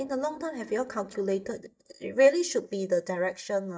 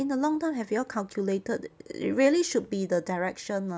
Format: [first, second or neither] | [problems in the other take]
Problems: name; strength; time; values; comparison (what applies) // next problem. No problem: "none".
second | noise reduction (neural mask model DeepFilterNet 3)